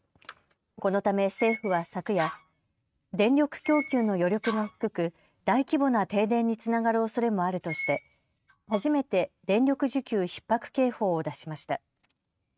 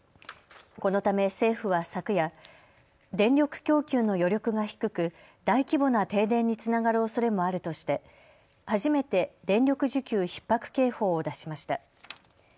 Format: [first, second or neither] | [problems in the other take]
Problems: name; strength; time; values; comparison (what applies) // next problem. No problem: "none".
second | noise reduction (neural mask model RNNoise)